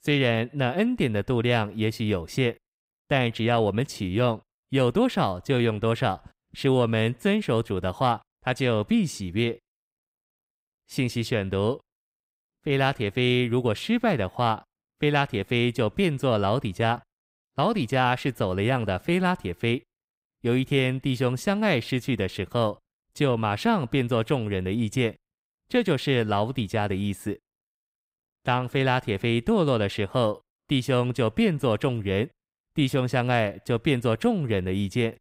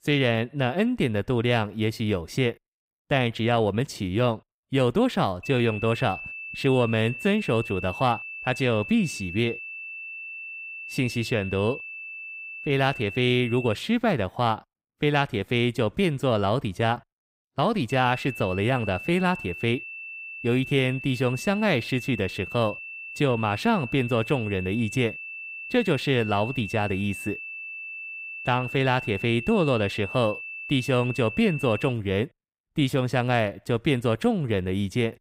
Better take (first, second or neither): first